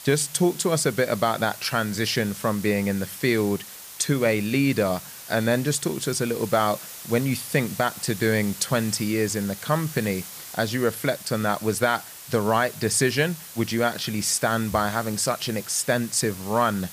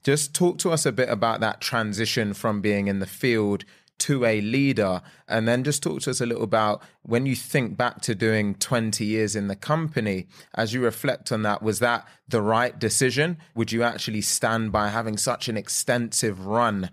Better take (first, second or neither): second